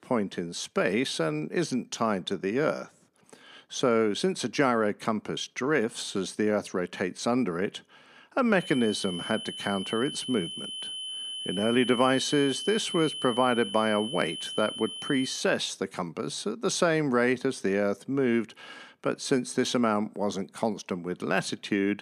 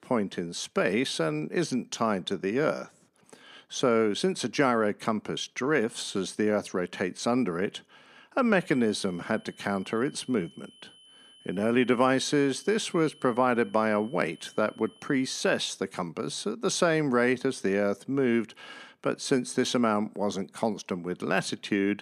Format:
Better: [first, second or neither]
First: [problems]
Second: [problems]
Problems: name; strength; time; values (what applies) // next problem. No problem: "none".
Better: second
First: high-pitched whine; loud; from 8.5 to 15 s; 3 kHz, 7 dB below the speech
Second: high-pitched whine; faint; from 8.5 to 15 s; 3 kHz, 25 dB below the speech